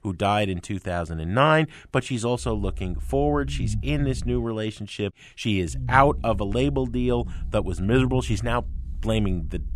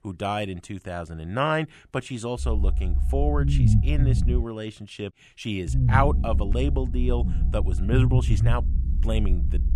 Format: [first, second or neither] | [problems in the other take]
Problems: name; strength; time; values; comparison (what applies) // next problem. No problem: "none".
first | low rumble; loud; from 2.5 to 4.5 s and from 5.5 s on; 8 dB below the speech; faint in the first